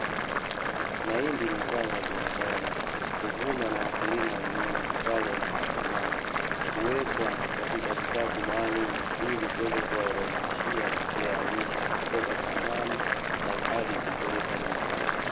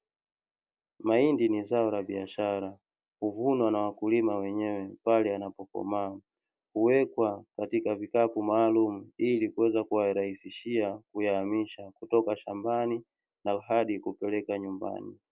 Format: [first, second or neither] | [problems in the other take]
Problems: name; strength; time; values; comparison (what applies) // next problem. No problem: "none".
second | background sound (Boiling); 5 dB above the speech